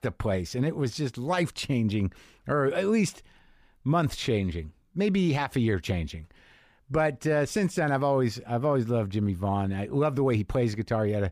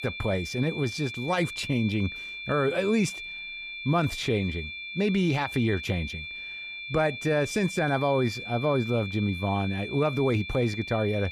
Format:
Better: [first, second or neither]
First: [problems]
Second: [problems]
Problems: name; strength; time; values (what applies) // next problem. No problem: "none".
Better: first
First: none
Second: high-pitched whine; loud; throughout; 2.5 kHz, 8 dB below the speech